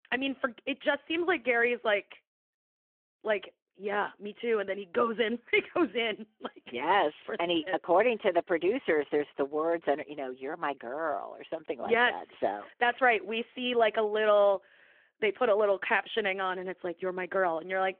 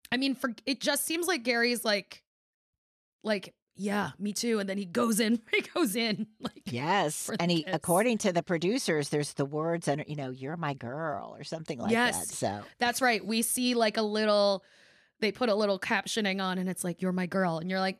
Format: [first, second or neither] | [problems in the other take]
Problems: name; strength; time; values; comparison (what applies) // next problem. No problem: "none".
second | phone-call audio